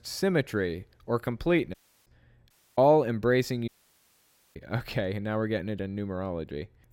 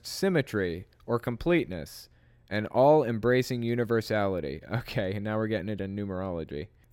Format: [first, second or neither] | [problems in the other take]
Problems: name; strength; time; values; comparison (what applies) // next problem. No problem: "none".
second | audio cutting out; at 1.5 s, at 2.5 s and at 3.5 s for 1 s